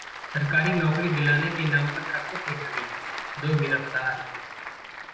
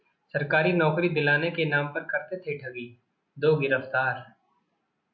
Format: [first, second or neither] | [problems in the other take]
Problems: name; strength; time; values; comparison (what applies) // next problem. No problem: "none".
second | background sound (Applause / Crowd); 8 dB below the speech // room echo; dies away in 0.8 s